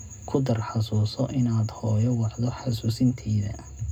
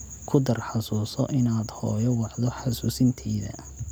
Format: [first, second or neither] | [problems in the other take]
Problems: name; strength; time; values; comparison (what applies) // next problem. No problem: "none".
second | room echo; dies away in 0.2 s